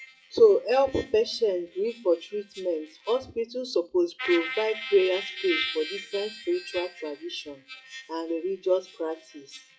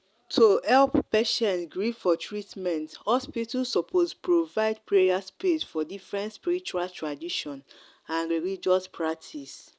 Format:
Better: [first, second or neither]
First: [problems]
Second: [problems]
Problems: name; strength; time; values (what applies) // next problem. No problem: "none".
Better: second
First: noise reduction (classical method WPE with log-MMSE)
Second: none